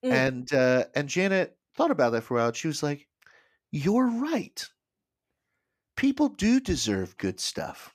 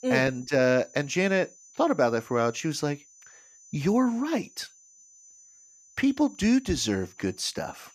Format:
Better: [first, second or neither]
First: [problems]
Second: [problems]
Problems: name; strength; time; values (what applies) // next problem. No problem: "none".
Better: first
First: none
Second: high-pitched whine; faint; throughout; 6 kHz, 25 dB below the speech